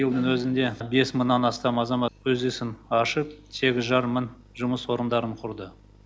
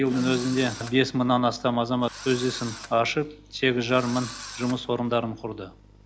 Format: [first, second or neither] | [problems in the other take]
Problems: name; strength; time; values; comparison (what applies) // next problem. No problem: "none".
first | background sound (Engine / Drill); 16 dB below the speech